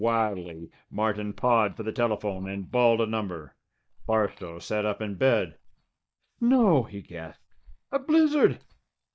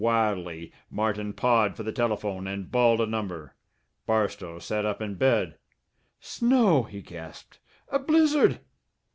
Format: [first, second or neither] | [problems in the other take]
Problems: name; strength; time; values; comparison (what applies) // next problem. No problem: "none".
second | noise reduction (neural mask model DeepFilterNet 3)